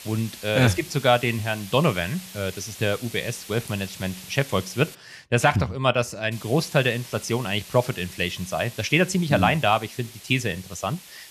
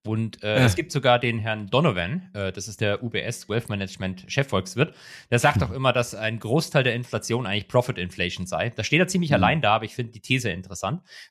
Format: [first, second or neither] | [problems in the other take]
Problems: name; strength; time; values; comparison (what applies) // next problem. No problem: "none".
second | hiss; noticeable; until 5 s and from 6.5 s on; 15 dB below the speech